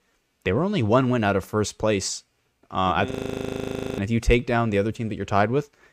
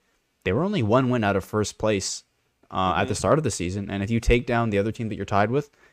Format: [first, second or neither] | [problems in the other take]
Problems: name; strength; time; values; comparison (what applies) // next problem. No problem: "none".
second | audio freezing; at 3 s for 1 s